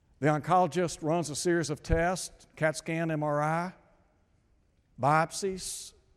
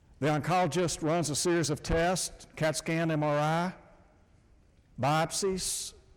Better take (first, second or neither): first